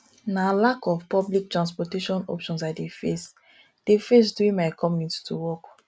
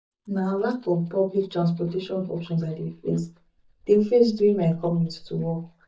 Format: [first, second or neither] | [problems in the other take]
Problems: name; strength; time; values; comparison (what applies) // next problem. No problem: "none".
first | noise reduction (neural mask model DeepFilterNet 3)